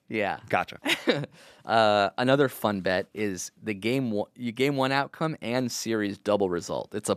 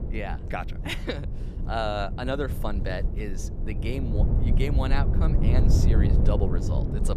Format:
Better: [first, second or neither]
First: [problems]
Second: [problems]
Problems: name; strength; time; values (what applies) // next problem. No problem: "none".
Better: first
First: none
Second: low rumble; loud; throughout; 6 dB below the speech